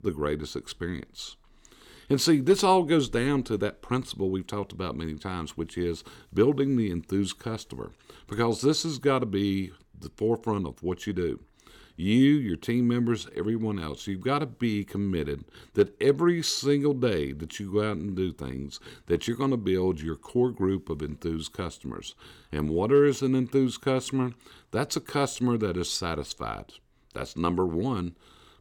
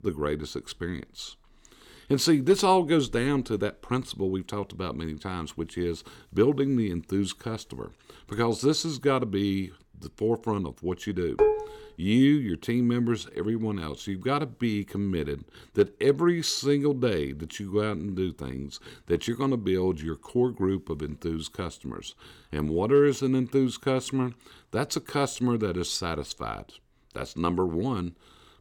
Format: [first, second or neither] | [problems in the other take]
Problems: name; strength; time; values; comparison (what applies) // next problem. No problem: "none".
first | clattering dishes; loud; at 11 s; peak 3 dB above the speech